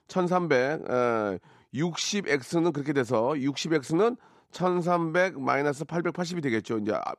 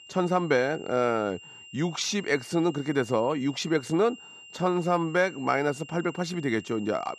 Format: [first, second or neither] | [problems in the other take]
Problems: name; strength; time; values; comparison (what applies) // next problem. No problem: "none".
first | high-pitched whine; noticeable; throughout; 3 kHz, 20 dB below the speech